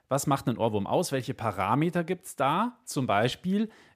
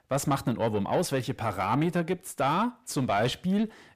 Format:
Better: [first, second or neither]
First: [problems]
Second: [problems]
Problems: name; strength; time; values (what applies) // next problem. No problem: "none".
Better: first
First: none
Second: distortion; slight; 10 dB below the speech